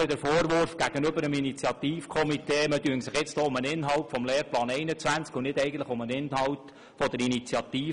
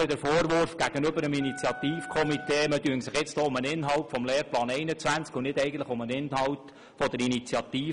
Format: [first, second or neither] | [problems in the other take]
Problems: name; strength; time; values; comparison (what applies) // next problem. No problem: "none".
first | background sound (Wind instrument, woodwind instrument); 13 dB below the speech